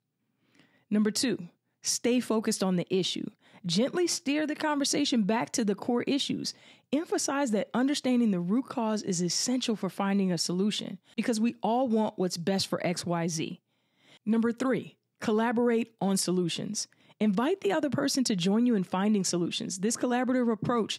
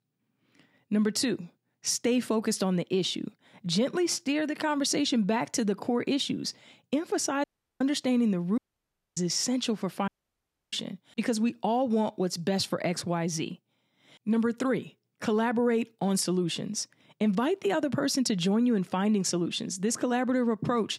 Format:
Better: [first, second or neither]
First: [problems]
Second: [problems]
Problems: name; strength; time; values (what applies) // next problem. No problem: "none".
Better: first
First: none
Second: audio cutting out; at 7.5 s, at 8.5 s for 0.5 s and at 10 s for 0.5 s